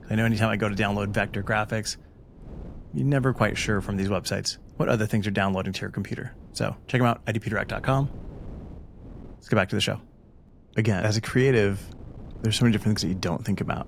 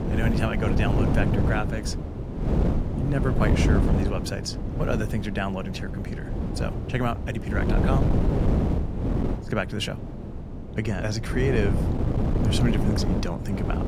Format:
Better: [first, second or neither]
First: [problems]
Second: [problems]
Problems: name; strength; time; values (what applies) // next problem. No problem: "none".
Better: first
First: wind noise on the microphone; occasional gusts; 25 dB below the speech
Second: wind noise on the microphone; heavy; 2 dB below the speech